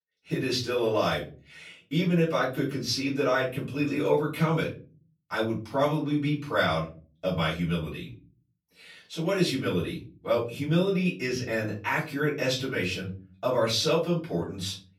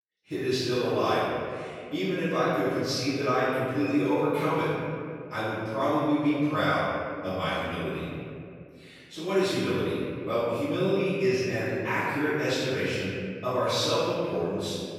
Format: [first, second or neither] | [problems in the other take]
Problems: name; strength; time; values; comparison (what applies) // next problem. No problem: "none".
first | room echo; strong; dies away in 2.2 s; slight in the first // off-mic speech; far; far in the first